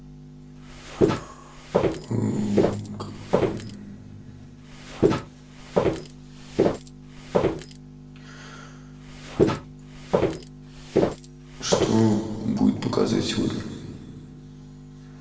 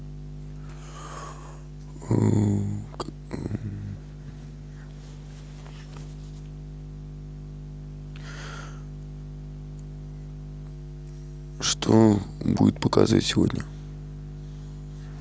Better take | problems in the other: second | background sound (Walk, footsteps); 4 dB above the speech // room echo; dies away in 1.8 s

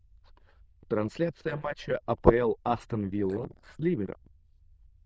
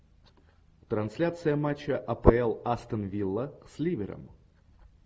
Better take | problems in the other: second | noise reduction (neural diffusion model UNIVERSE++)

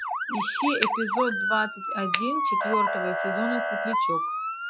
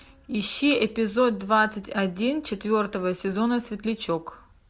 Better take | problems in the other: second | noise reduction (classical method Wiener filter)

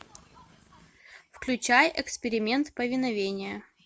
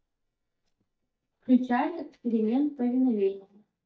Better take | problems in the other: first | noise reduction (neural mask model DeepFilterNet 3)

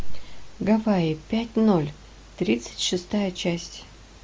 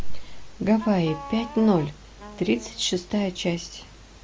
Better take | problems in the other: first | background sound (Wind instrument, woodwind instrument); 16 dB below the speech

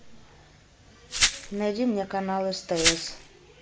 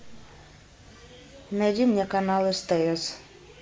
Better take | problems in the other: second | background sound (Glass); 2 dB above the speech

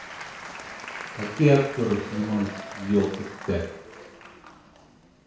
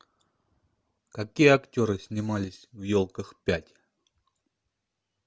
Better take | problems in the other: second | background sound (Applause / Crowd); 12 dB below the speech // room echo; dies away in 0.6 s

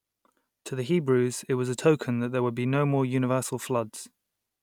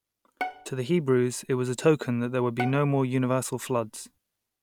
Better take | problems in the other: first | background sound (Bowed string instrument); 14 dB below the speech

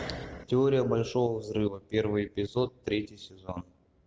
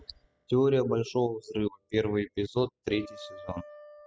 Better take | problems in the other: first | noise reduction (classical method spectral subtraction)

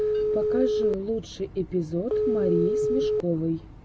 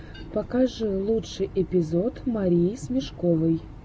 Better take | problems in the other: second | background sound (Telephone); 2 dB above the speech

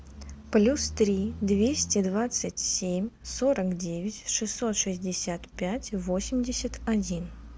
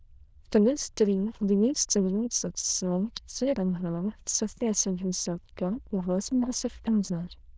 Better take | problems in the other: first | noise reduction (neural diffusion model UNIVERSE++)

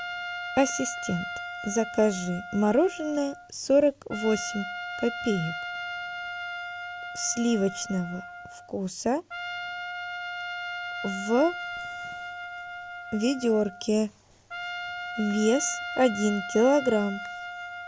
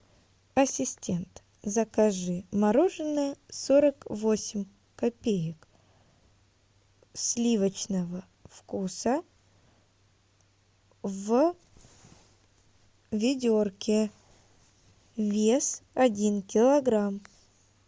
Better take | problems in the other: second | background sound (Trumpet); 8 dB below the speech

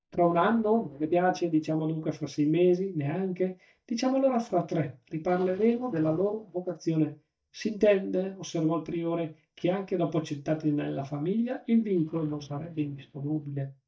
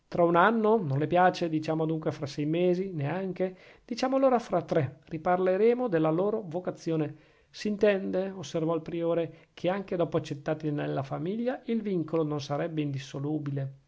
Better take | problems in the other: second | noise reduction (neural mask model DeepFilterNet 3)

